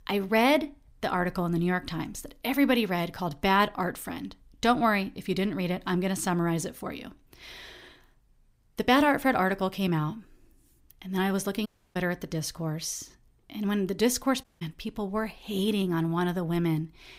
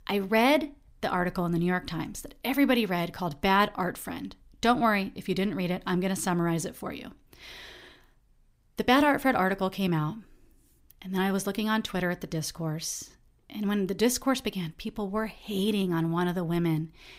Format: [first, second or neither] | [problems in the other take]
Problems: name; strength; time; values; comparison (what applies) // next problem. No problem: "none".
second | audio cutting out; at 12 s and at 14 s